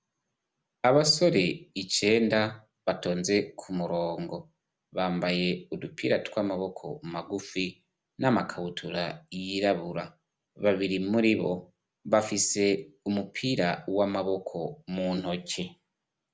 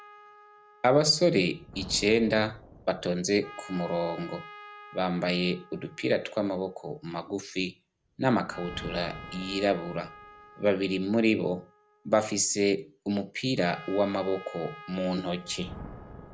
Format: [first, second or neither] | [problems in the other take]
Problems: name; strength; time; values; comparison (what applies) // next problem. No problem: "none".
first | background sound (Trumpet + Thunder); 18 dB below the speech